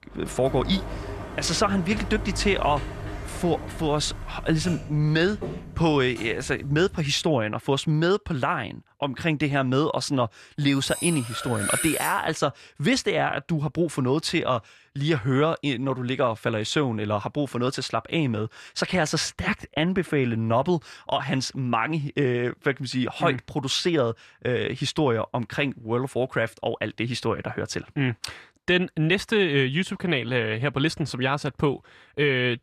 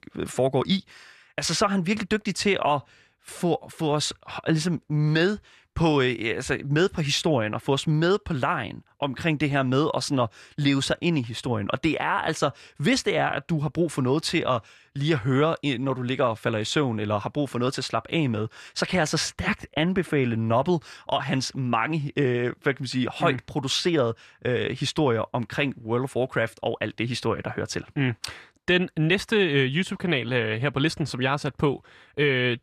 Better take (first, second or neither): second